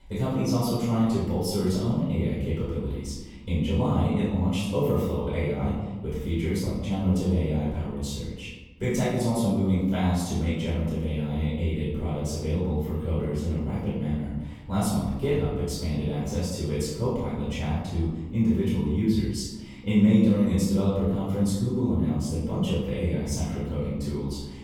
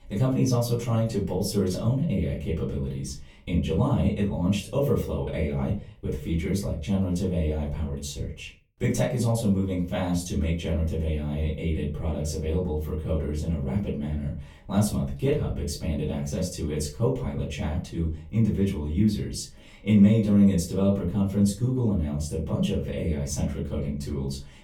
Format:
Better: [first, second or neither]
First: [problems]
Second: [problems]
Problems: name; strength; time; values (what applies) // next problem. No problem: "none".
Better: second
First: room echo; strong; dies away in 1.1 s // off-mic speech; far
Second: room echo; slight; dies away in 0.3 s // off-mic speech; far